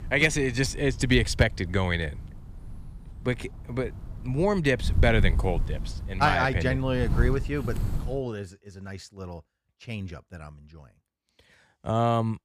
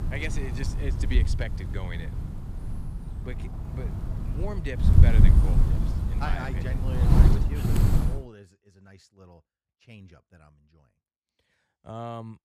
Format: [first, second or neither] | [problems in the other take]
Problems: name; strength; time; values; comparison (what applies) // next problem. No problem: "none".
first | wind noise on the microphone; heavy; until 8 s; as loud as the speech; occasional gusts in the first